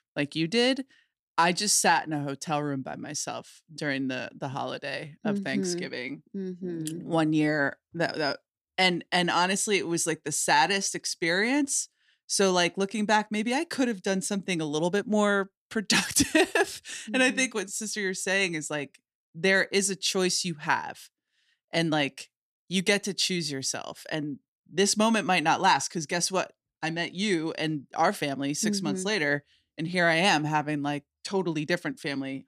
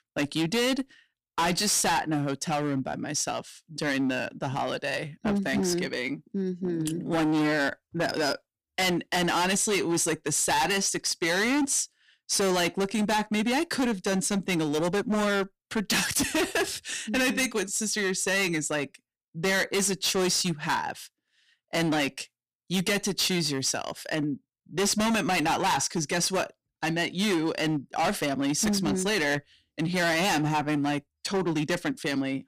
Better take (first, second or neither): first